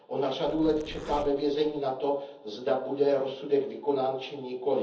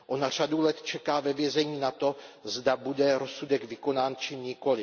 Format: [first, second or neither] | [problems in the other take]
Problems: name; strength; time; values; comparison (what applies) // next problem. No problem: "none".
second | background sound (Zipper (clothing)); 14 dB below the speech // room echo; dies away in 0.7 s